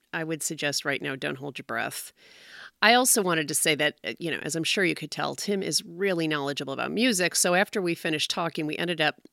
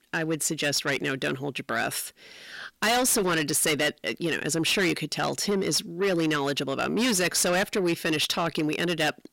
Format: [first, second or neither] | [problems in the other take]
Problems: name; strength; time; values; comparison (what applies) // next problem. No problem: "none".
first | distortion; heavy; 6 dB below the speech